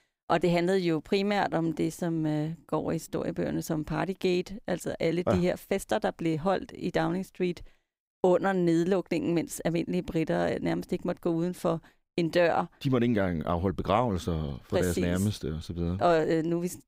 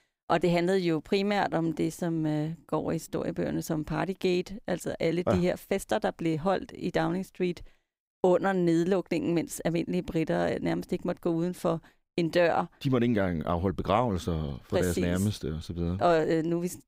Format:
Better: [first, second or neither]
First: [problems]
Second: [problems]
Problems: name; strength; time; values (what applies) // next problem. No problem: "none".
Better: neither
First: none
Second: none